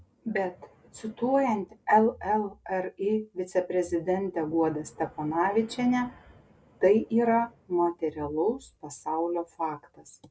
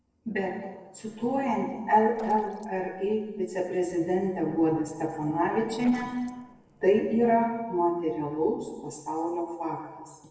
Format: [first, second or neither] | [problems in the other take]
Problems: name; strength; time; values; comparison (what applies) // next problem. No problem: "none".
first | noise reduction (neural separator model SepFormer DNS4)